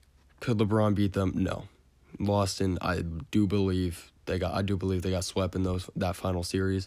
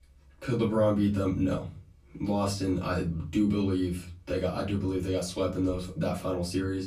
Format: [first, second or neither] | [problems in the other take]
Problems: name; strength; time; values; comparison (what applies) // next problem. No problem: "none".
first | off-mic speech; far // room echo; very slight; dies away in 0.4 s